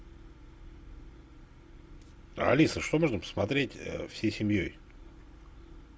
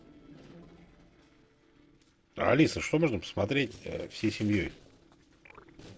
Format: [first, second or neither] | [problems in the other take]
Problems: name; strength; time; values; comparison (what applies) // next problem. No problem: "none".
first | noise reduction (neural separator model SepFormer DNS4)